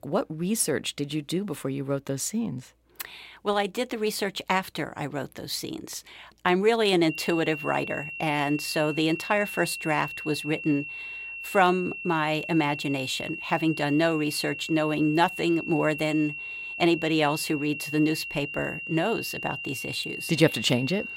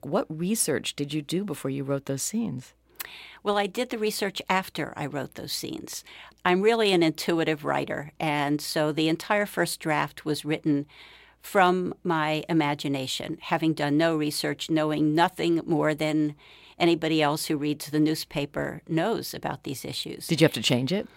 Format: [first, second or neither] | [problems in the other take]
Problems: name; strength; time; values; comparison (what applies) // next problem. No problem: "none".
second | high-pitched whine; loud; from 7 s on; 2.5 kHz, 8 dB below the speech